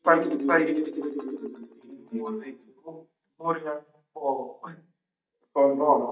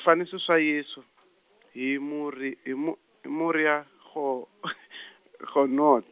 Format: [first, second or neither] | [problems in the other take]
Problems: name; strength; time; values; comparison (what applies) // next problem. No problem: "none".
second | noise reduction (neural mask model DeepFilterNet 3)